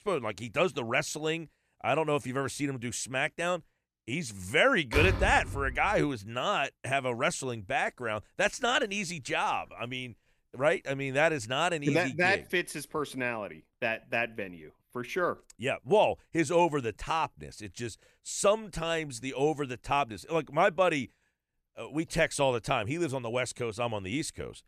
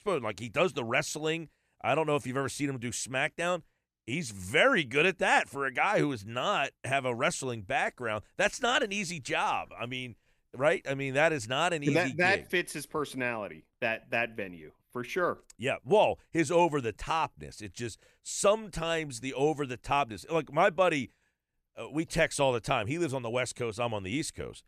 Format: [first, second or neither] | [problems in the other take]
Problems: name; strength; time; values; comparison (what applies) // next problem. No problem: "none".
second | door banging; noticeable; from 5 to 6 s; peak level with the speech